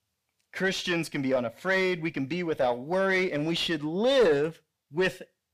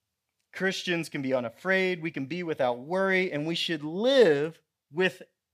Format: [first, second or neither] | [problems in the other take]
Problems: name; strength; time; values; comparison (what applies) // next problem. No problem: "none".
second | distortion; slight; 10 dB below the speech